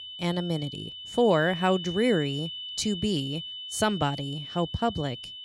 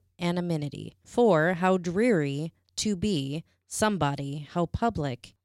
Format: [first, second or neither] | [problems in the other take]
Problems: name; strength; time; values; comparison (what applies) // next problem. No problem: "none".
second | high-pitched whine; loud; throughout; 3 kHz, 8 dB below the speech